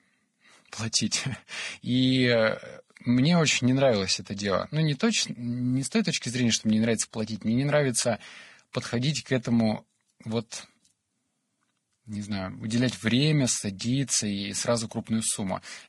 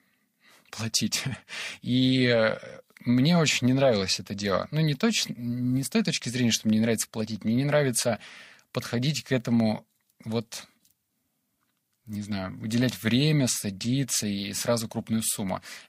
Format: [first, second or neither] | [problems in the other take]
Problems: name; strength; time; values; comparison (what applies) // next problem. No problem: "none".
second | garbled, watery; badly; nothing above 10.5 kHz; slightly in the second